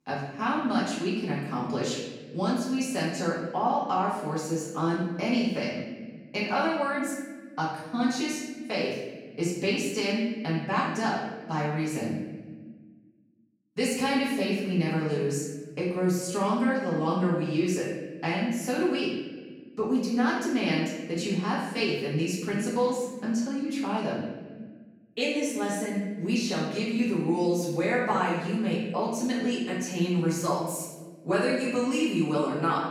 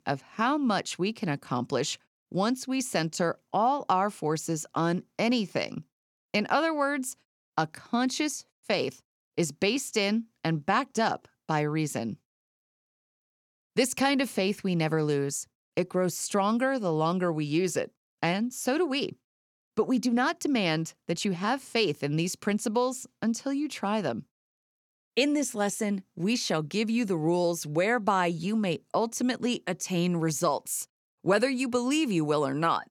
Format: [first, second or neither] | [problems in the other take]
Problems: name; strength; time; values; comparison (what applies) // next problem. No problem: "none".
second | room echo; noticeable; dies away in 1.2 s // off-mic speech; far